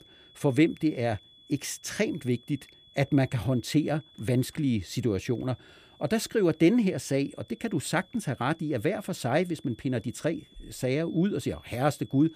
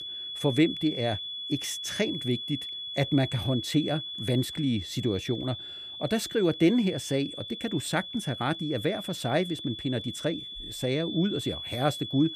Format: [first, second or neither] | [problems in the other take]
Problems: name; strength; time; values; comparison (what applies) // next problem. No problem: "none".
first | high-pitched whine; loud; throughout; 3.5 kHz, 6 dB below the speech; faint in the first